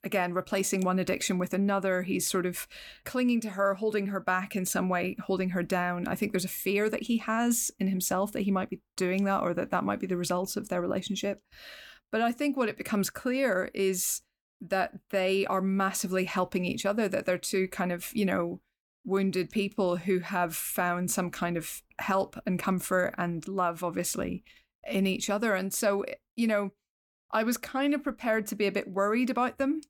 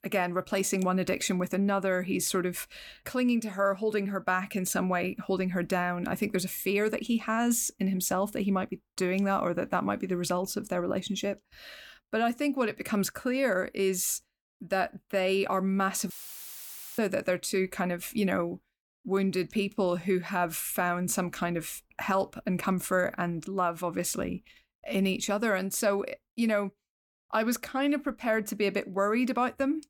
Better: first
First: none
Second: audio cutting out; filled with static; at 16 s for 1 s

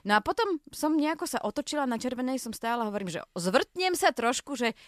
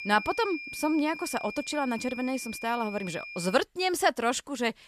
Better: first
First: none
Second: high-pitched whine; loud; until 3.5 s; 2.5 kHz, 10 dB below the speech

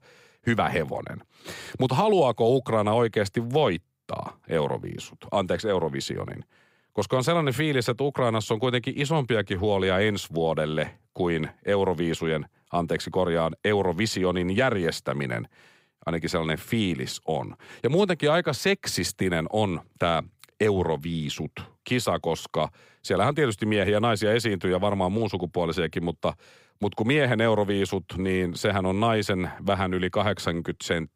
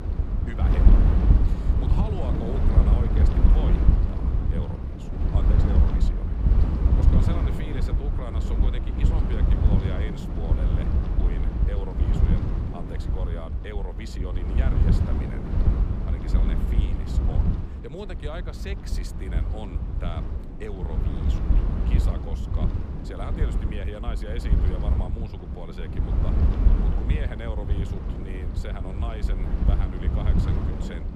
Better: first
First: none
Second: wind noise on the microphone; heavy; 3 dB above the speech

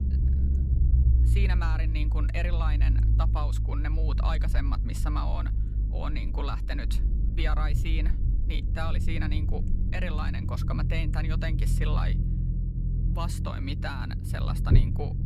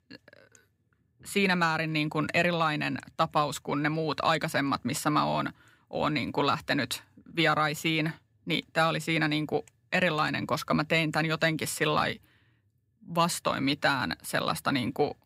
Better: second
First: low rumble; loud; throughout; 6 dB below the speech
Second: none

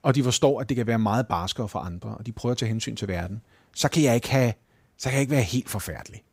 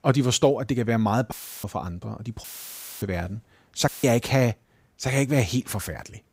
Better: first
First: none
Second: audio cutting out; filled with static; at 1.5 s, at 2.5 s for 0.5 s and at 4 s

